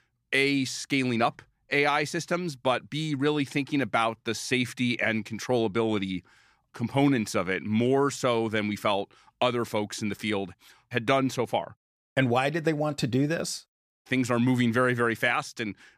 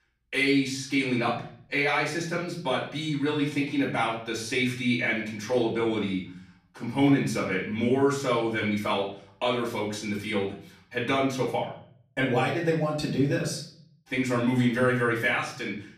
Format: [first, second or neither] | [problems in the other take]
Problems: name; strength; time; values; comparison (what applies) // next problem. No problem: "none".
first | off-mic speech; far // room echo; slight; dies away in 0.5 s